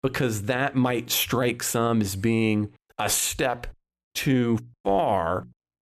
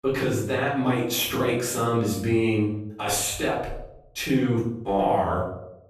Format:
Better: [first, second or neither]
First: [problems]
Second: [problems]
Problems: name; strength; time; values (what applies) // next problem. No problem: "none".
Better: first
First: none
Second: off-mic speech; far // room echo; noticeable; dies away in 0.6 s